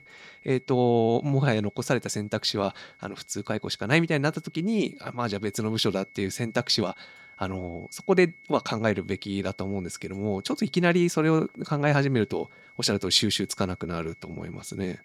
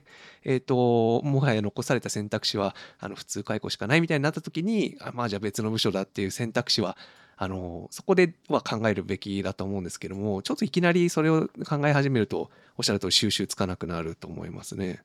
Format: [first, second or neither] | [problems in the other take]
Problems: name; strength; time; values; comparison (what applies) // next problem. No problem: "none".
second | high-pitched whine; faint; throughout; 2 kHz, 25 dB below the speech